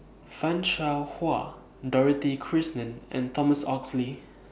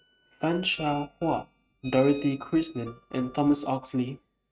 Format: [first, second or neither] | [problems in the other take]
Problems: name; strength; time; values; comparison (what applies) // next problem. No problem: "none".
first | noise reduction (neural mask model RNNoise)